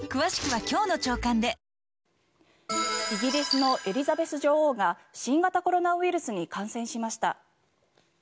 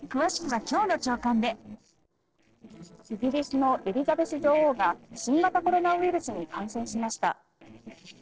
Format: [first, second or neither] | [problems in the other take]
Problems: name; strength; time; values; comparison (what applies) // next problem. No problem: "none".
first | noise reduction (neural separator model SepFormer DNS4)